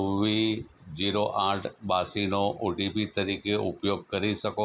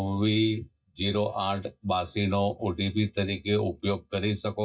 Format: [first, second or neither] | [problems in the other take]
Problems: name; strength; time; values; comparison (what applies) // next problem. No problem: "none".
first | noise reduction (neural mask model DeepFilterNet 3)